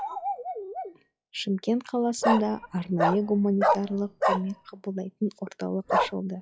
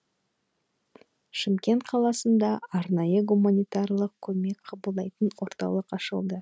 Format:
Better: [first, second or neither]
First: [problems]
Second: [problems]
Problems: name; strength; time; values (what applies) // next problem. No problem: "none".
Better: second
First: noise reduction (classical method log-MMSE)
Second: none